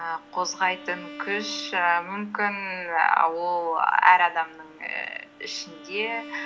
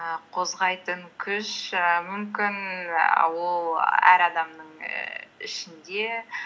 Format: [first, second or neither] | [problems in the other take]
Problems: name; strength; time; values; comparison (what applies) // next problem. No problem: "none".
second | background sound (Bowed string instrument); 19 dB below the speech